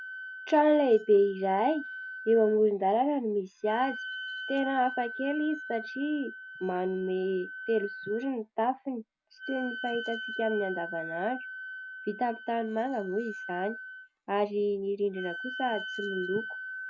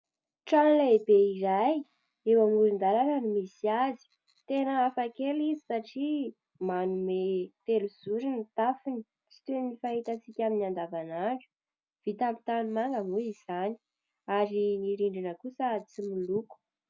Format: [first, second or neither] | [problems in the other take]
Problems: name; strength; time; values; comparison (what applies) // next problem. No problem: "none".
second | background sound (Wind instrument, woodwind instrument); 11 dB below the speech